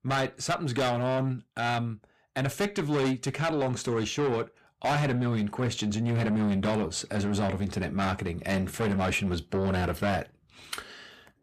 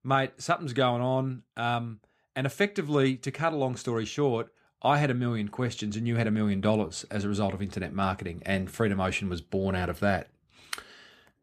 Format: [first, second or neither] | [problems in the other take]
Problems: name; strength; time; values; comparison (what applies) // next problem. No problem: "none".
second | distortion; heavy; 6 dB below the speech